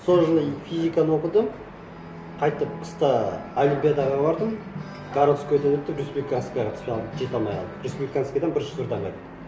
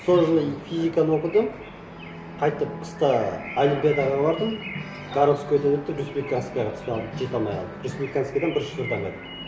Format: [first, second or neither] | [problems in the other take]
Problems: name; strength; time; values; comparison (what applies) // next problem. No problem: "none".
first | background sound (Bird); 18 dB below the speech